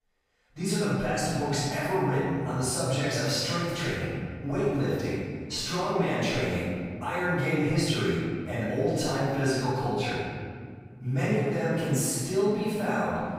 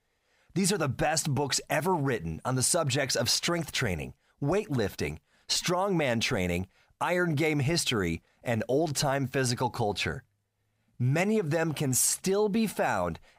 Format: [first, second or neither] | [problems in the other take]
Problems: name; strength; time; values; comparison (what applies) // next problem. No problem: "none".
second | off-mic speech; far // room echo; strong; dies away in 2 s